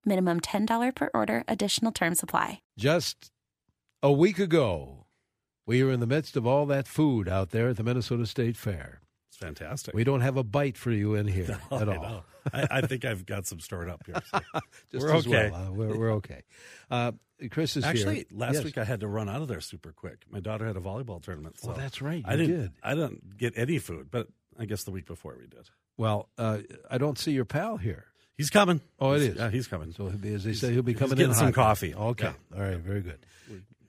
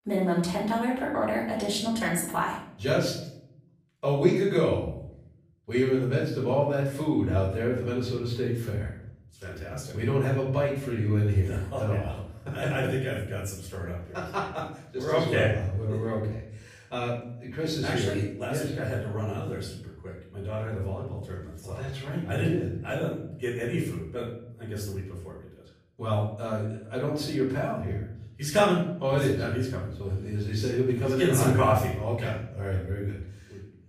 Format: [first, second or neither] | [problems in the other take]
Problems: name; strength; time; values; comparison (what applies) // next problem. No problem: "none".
first | off-mic speech; far // room echo; noticeable; dies away in 0.6 s